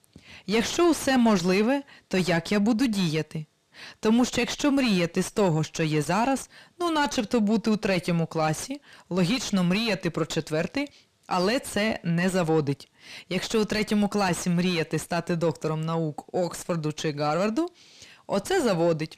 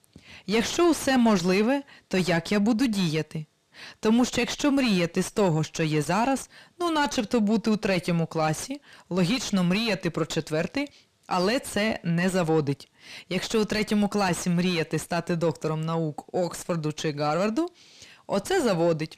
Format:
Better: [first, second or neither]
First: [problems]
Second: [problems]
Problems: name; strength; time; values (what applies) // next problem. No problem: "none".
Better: neither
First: distortion; heavy; 8 dB below the speech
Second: distortion; heavy; 8 dB below the speech